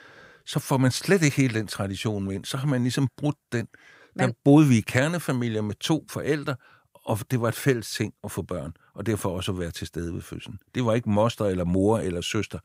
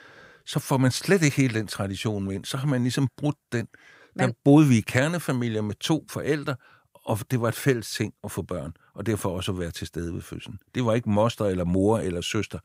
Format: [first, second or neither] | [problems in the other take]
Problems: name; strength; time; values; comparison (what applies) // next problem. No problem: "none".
neither | none